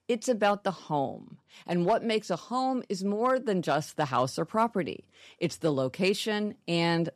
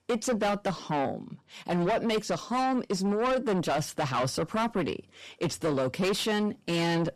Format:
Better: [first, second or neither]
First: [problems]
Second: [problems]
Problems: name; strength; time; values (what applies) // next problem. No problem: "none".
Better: first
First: none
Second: distortion; heavy; 7 dB below the speech